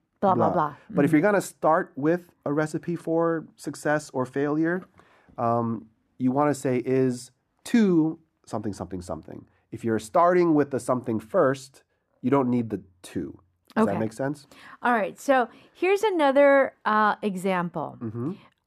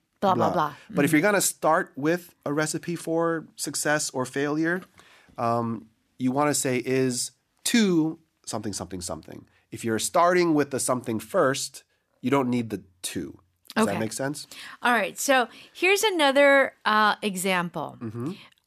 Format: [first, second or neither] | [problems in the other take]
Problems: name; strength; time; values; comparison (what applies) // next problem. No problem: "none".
second | muffled; slightly; fading above 2 kHz